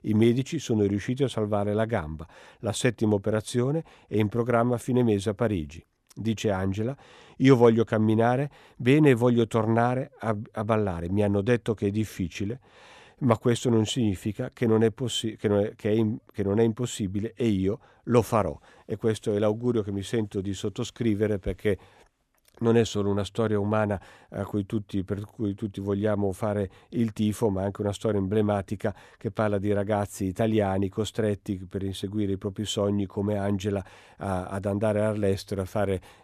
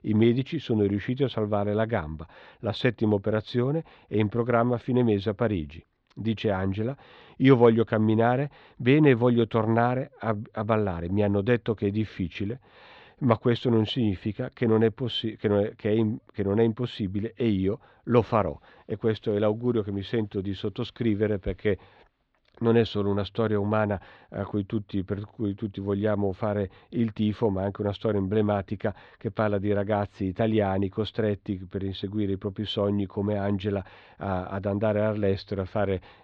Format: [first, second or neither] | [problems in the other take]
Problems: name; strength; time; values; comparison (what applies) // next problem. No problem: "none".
first | muffled; slightly; fading above 4 kHz